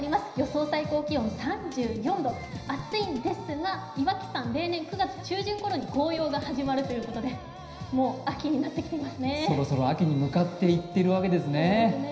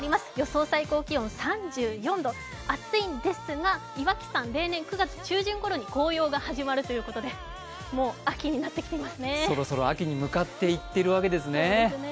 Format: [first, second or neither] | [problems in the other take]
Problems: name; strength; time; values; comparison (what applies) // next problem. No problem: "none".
second | background sound (Drum kit); 17 dB below the speech // room echo; dies away in 0.9 s